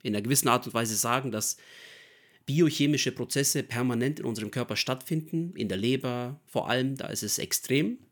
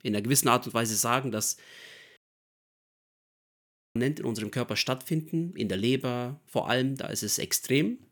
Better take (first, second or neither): first